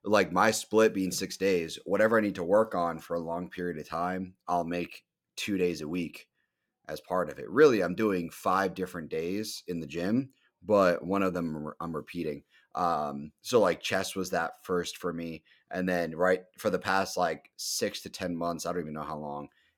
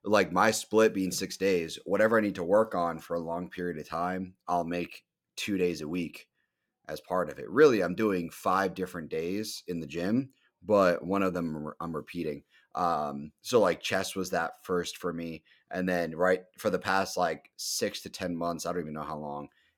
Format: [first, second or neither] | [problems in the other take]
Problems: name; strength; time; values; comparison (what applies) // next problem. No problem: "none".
neither | none